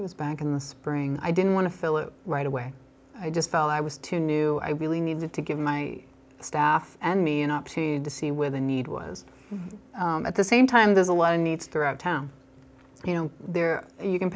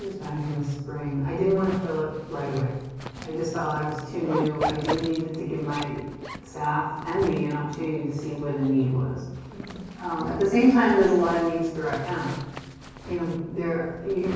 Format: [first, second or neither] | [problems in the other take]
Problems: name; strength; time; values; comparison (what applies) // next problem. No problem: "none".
first | background sound (Zipper (clothing)); 12 dB below the speech // room echo; dies away in 1.3 s